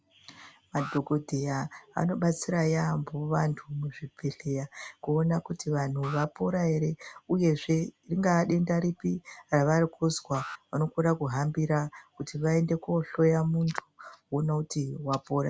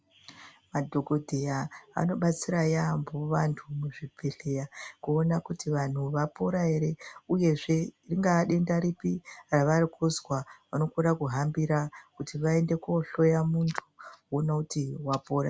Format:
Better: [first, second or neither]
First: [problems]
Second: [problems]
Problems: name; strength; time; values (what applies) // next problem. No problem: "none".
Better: second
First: background sound (Alarm); 18 dB below the speech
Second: none